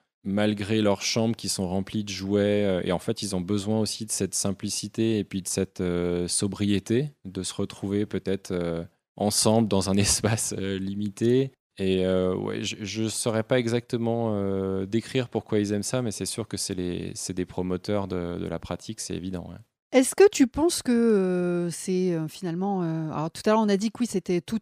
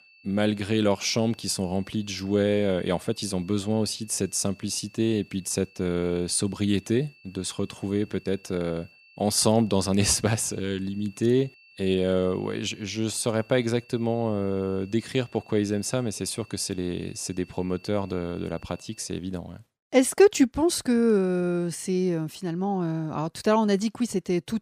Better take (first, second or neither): first